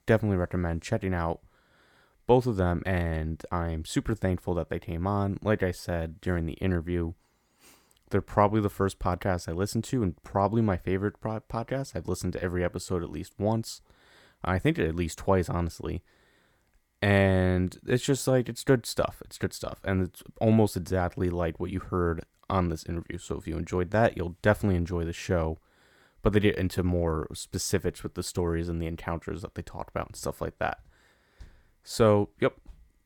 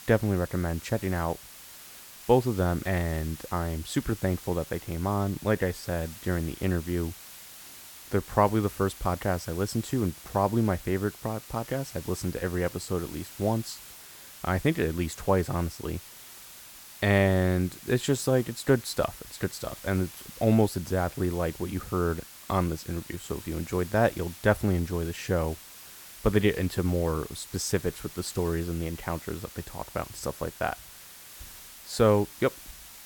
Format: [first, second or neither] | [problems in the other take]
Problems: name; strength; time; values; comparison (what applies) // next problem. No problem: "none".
first | hiss; noticeable; throughout; 15 dB below the speech